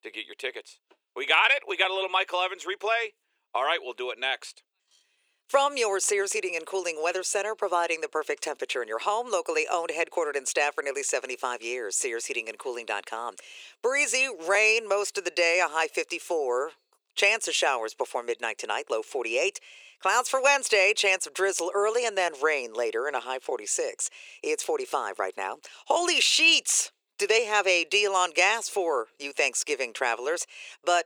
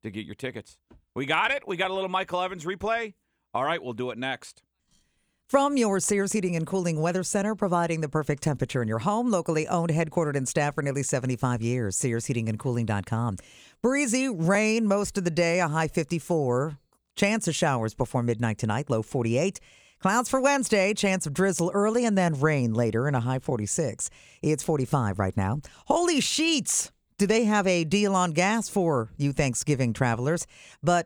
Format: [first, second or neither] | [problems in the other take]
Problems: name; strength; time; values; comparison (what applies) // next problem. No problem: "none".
second | thin; very; fading below 400 Hz